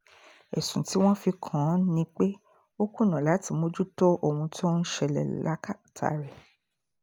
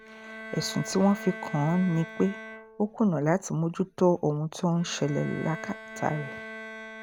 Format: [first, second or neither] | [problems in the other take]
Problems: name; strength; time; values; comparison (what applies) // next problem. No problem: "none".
first | background sound (Bowed string instrument); 14 dB below the speech